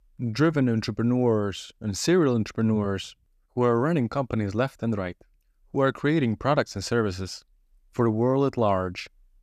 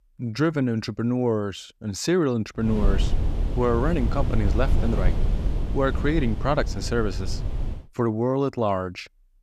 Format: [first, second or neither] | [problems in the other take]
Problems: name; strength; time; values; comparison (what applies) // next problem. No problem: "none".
first | wind noise on the microphone; occasional gusts; from 2.5 to 8 s; 10 dB below the speech